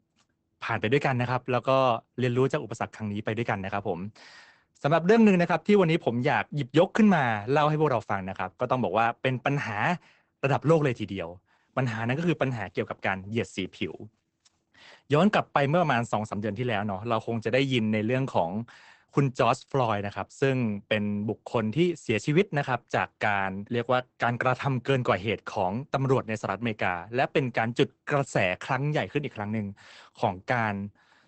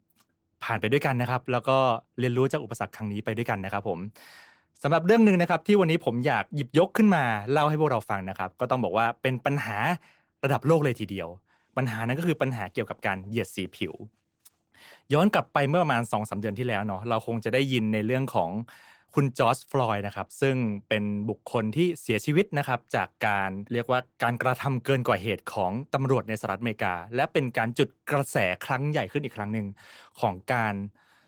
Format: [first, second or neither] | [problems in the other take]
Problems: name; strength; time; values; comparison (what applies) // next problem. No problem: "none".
second | garbled, watery; badly; nothing above 8 kHz; slightly in the second